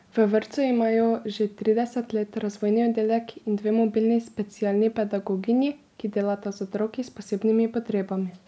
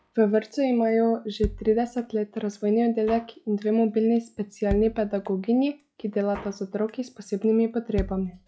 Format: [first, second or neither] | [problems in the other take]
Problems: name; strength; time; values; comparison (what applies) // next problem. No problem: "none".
first | noise reduction (classical method log-MMSE)